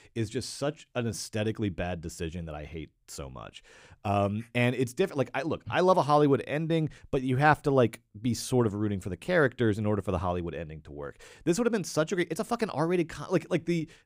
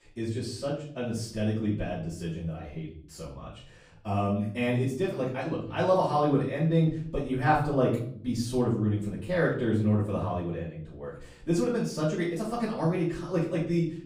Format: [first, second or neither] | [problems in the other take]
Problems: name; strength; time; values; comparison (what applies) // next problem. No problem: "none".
first | off-mic speech; far // room echo; noticeable; dies away in 0.6 s